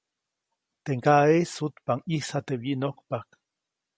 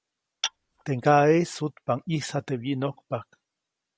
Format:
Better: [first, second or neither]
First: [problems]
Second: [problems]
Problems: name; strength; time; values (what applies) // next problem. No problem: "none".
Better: first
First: none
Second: background sound (Tap / Glass); 11 dB below the speech